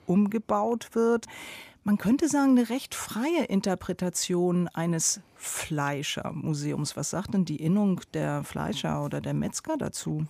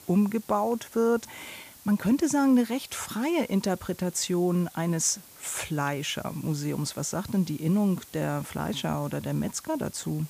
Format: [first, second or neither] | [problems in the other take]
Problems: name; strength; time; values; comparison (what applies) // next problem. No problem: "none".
first | hiss; faint; throughout; 20 dB below the speech